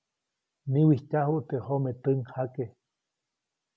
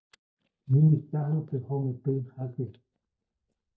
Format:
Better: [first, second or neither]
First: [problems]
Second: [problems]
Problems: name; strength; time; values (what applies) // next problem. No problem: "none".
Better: first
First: none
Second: noise reduction (neural mask model DeepFilterNet 3)